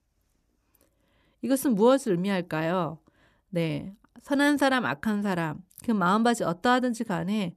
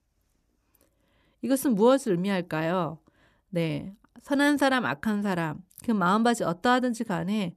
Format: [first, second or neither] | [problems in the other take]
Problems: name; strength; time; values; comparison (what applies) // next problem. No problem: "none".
neither | none